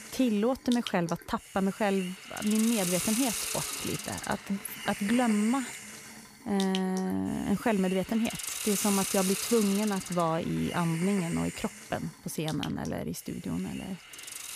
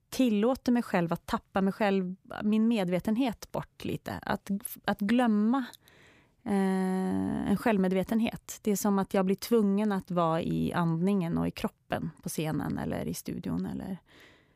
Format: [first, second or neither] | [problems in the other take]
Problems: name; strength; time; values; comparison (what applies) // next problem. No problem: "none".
second | hiss; loud; throughout; 5 dB below the speech